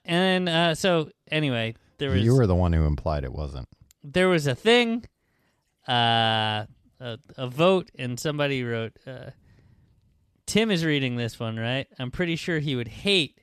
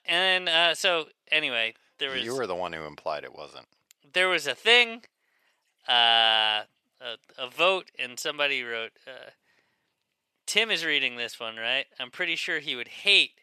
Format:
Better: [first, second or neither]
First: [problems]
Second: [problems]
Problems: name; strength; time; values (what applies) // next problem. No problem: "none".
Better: first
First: none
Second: thin; very; fading below 600 Hz